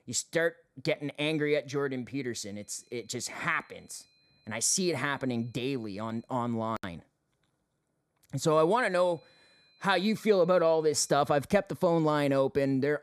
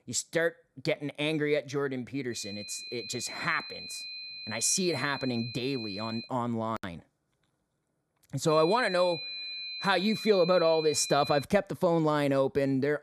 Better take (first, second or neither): first